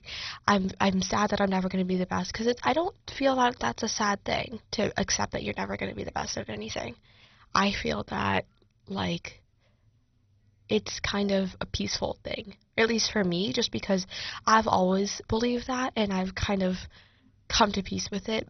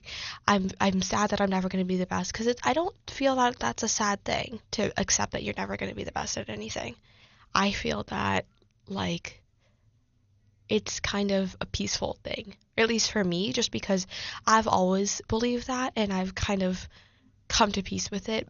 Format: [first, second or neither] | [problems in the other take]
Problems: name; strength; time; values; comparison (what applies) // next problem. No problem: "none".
second | garbled, watery; badly; nothing above 6 kHz; slightly in the second